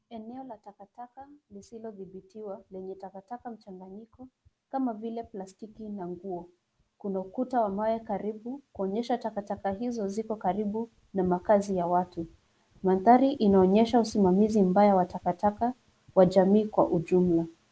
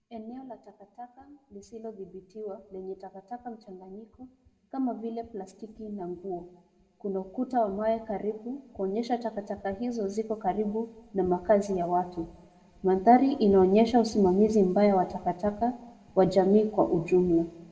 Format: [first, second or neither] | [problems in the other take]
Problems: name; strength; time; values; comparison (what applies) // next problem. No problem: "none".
first | room echo; dies away in 1 s